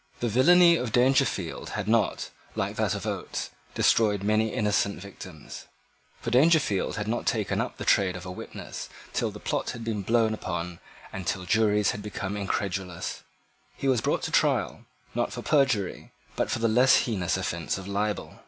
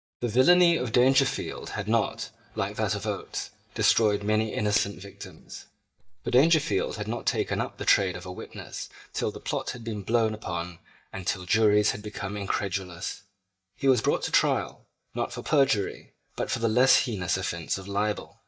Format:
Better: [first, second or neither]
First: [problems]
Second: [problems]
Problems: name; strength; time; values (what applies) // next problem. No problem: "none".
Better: first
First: none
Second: noise reduction (neural mask model DeepFilterNet 3)